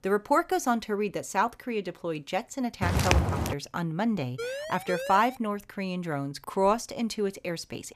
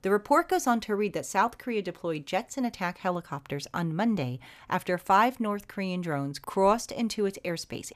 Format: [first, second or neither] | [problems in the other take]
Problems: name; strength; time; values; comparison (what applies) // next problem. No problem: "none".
second | footsteps; loud; at 3 s; peak 5 dB above the speech // siren; noticeable; at 4.5 s; peak 5 dB below the speech